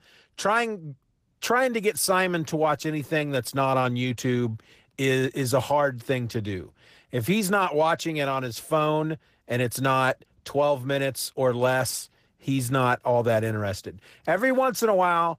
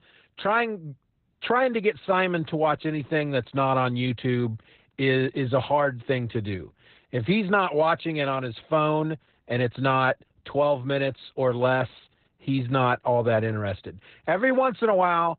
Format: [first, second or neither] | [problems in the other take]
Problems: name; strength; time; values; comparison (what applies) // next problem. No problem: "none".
first | garbled, watery; badly; nothing above 4 kHz; slightly in the first